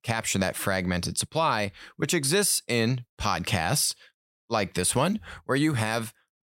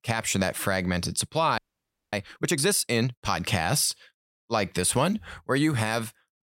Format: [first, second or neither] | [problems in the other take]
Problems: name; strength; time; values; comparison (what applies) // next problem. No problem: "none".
first | audio freezing; at 1.5 s for 0.5 s